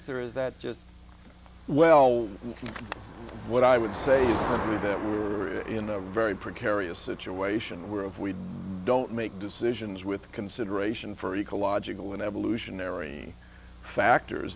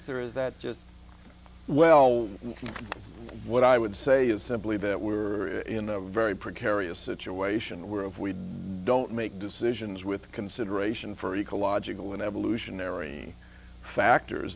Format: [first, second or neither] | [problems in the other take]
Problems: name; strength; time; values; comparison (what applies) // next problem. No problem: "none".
second | background sound (Motor vehicle (road)); 13 dB below the speech